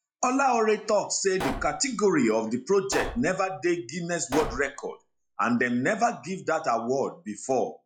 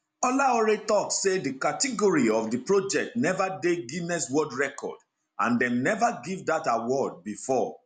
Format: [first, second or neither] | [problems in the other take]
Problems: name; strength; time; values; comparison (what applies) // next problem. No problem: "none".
second | noise reduction (classical method log-MMSE)